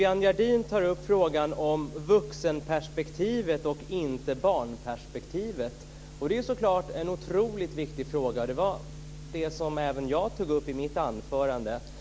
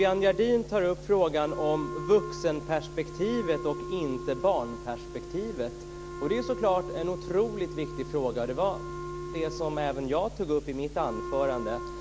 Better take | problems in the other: first | background sound (Wind instrument, woodwind instrument); 11 dB below the speech

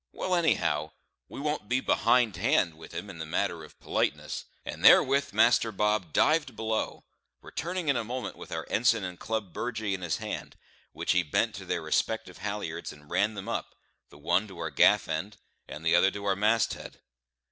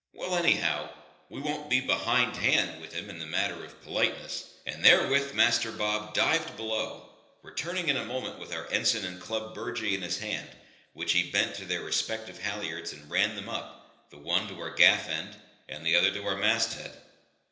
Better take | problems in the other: first | room echo; dies away in 0.8 s

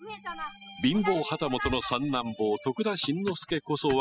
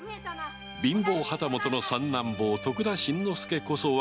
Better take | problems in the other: second | noise reduction (classical method spectral subtraction)

